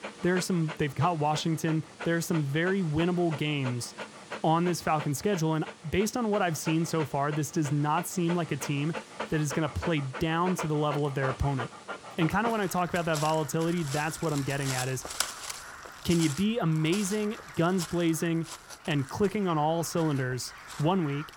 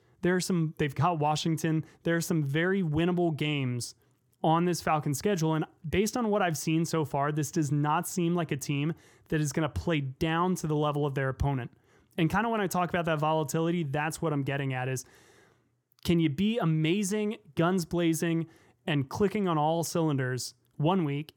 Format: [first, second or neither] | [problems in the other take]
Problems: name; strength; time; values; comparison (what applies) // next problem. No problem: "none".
second | animal sounds; noticeable; throughout; 10 dB below the speech